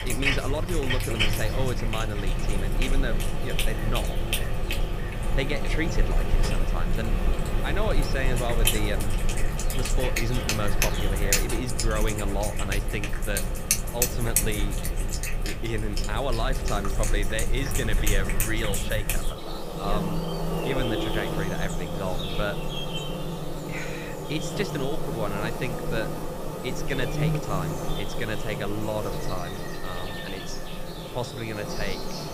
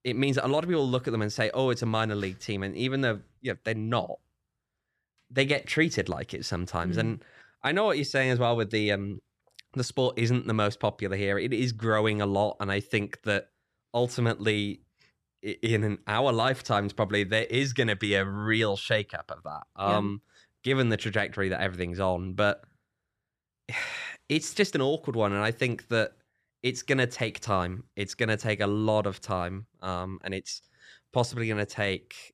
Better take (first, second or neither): second